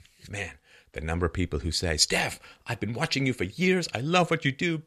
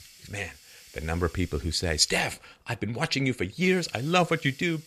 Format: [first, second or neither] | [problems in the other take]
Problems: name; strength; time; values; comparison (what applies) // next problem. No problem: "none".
first | hiss; faint; throughout; 20 dB below the speech